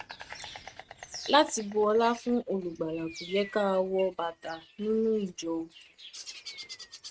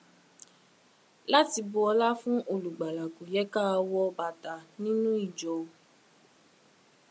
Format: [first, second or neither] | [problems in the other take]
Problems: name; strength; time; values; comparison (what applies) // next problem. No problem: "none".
second | noise reduction (neural mask model RNNoise)